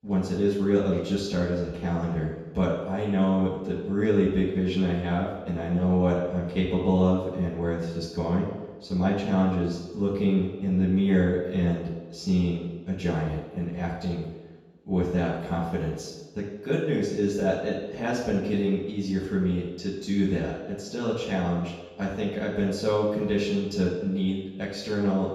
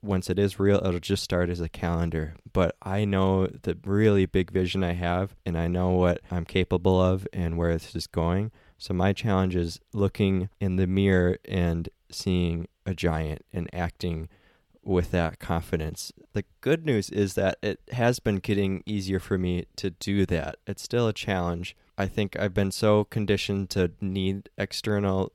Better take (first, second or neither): second